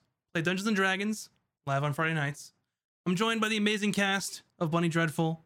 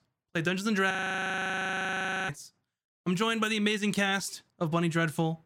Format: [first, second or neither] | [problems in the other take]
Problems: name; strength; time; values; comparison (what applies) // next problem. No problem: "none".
first | audio freezing; at 1 s for 1.5 s